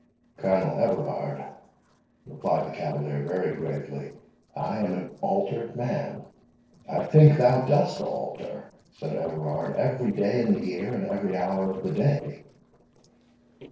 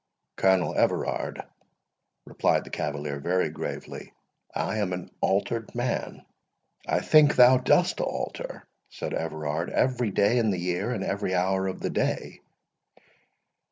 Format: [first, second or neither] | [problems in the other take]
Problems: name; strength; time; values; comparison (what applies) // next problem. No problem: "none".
second | noise reduction (neural separator model SepFormer DNS4)